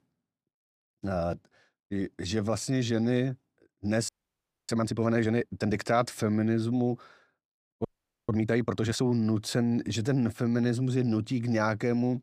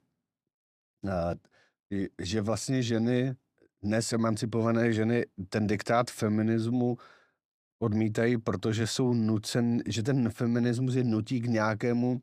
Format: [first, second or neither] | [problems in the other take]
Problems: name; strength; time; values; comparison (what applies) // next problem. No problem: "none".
second | audio freezing; at 4 s for 0.5 s and at 8 s